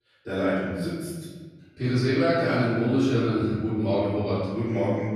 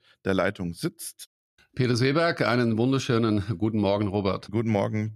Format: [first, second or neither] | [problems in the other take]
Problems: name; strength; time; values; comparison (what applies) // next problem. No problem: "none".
second | off-mic speech; far // room echo; strong; dies away in 1.5 s